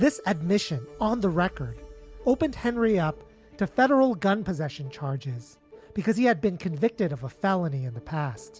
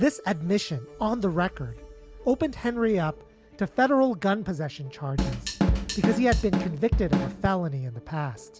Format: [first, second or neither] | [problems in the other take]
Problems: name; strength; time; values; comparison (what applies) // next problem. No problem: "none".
first | background sound (Drum kit); 1 dB above the speech